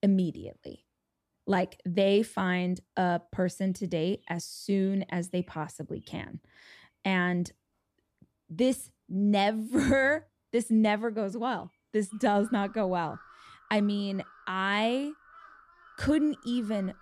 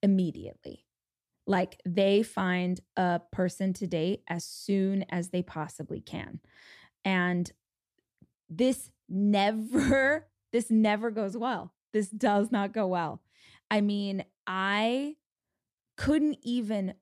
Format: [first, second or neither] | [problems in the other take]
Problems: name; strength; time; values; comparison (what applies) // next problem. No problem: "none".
second | animal sounds; faint; throughout; 25 dB below the speech